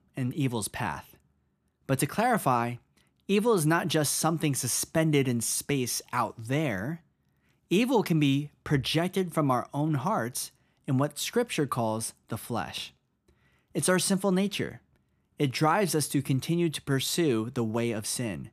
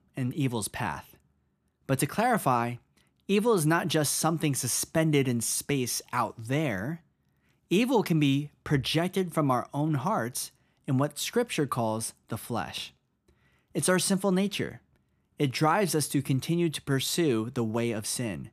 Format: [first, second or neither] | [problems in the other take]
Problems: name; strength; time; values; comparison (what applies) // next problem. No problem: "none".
neither | none